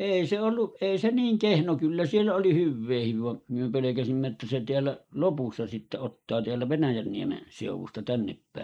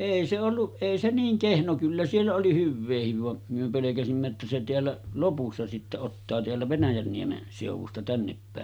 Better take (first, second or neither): second